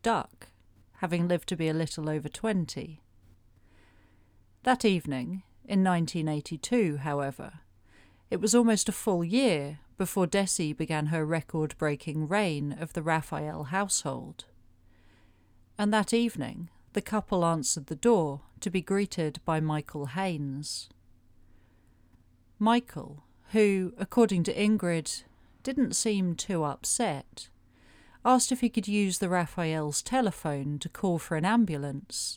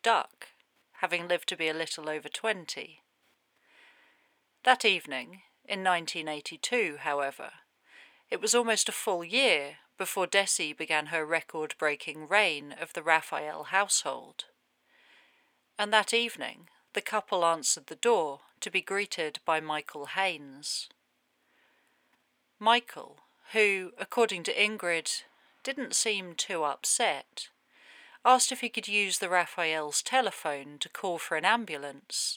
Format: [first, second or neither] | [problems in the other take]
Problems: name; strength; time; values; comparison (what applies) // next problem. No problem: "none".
first | thin; very; fading below 600 Hz